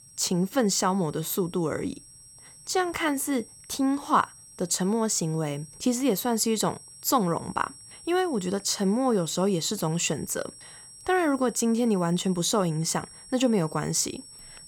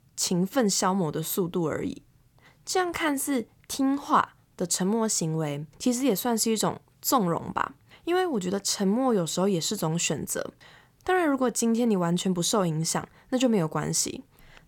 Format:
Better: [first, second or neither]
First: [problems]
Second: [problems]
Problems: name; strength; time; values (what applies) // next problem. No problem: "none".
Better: second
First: high-pitched whine; noticeable; throughout; 8 kHz, 20 dB below the speech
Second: none